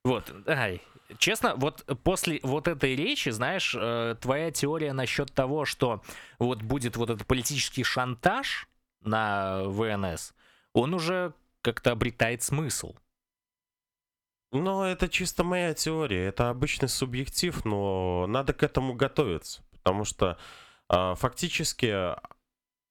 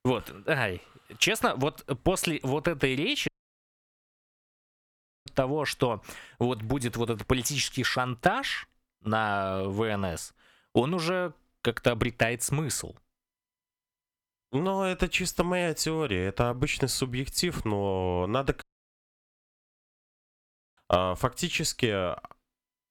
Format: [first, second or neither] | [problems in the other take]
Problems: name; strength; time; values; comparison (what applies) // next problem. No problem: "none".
first | audio cutting out; at 3.5 s for 2 s and at 19 s for 2 s